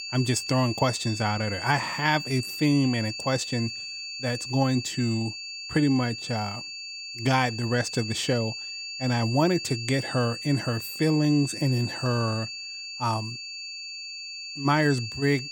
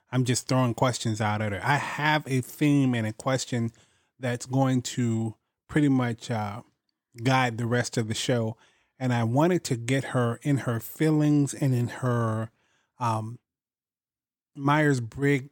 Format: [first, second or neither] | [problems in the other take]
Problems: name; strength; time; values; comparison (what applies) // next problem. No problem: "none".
second | high-pitched whine; loud; throughout; 4.5 kHz, 7 dB below the speech